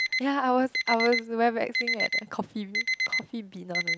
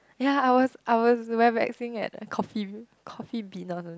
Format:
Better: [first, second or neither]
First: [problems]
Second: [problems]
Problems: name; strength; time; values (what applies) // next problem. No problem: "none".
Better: second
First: background sound (Alarm); 2 dB below the speech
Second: none